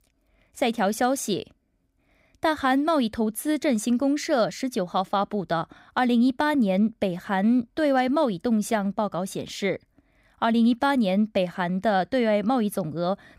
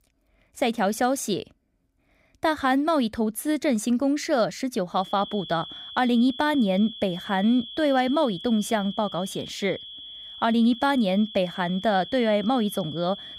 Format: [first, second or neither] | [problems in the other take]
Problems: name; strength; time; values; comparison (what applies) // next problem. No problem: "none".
first | high-pitched whine; noticeable; from 5 s on; 3.5 kHz, 15 dB below the speech